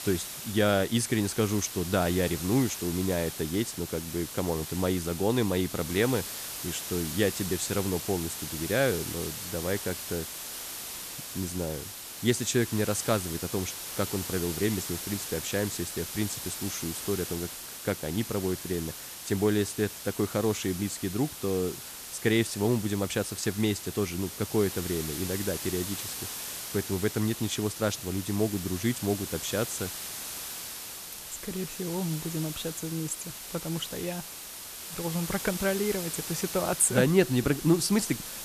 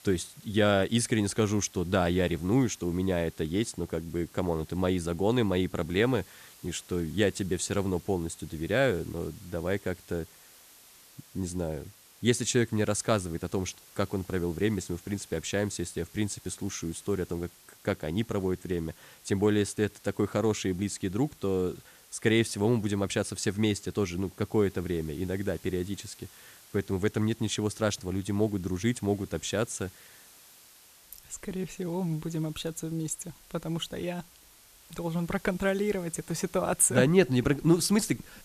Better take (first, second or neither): second